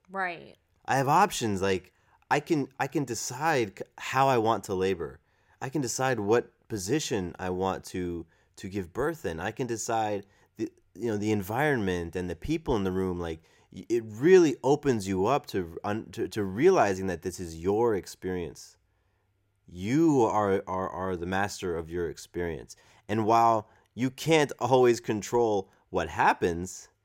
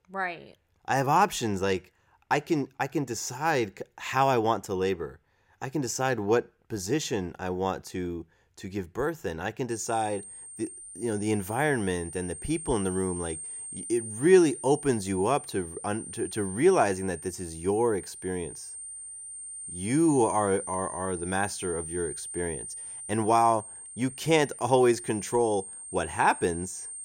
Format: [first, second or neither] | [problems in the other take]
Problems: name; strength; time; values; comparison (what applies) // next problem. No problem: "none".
first | high-pitched whine; loud; from 9.5 s on; 9 kHz, 10 dB below the speech